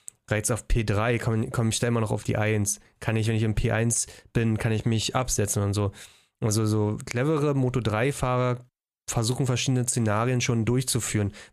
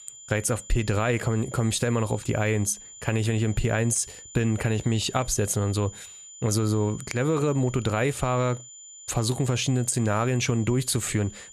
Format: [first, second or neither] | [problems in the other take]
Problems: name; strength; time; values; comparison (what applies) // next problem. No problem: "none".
first | high-pitched whine; noticeable; throughout; 7 kHz, 15 dB below the speech